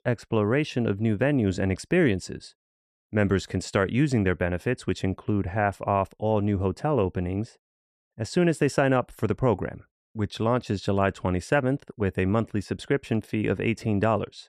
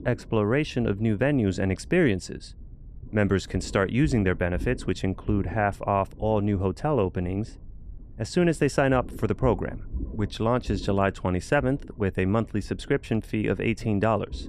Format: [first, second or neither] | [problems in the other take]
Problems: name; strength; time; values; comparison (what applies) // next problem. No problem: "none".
first | low rumble; faint; throughout; 25 dB below the speech